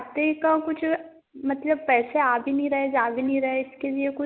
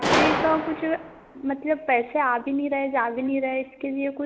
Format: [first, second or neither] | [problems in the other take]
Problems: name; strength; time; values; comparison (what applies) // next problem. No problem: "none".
first | background sound (Gunshot, gunfire); 5 dB below the speech